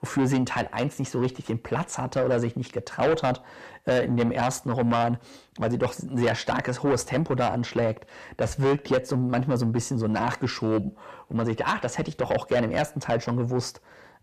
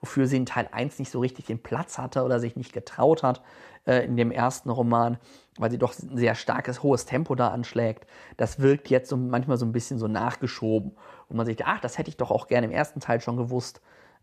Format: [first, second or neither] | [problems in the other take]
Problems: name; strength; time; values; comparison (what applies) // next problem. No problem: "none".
second | distortion; heavy; 7 dB below the speech